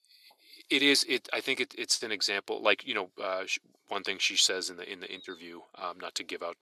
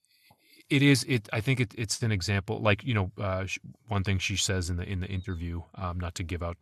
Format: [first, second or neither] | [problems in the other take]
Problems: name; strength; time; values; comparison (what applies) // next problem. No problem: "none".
second | thin; somewhat; fading below 350 Hz